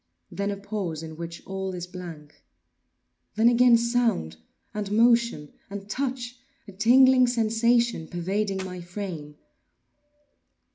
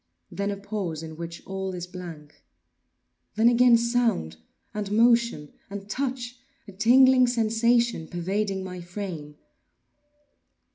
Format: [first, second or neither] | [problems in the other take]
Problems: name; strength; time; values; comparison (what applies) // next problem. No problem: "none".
second | background sound (Clapping); 18 dB below the speech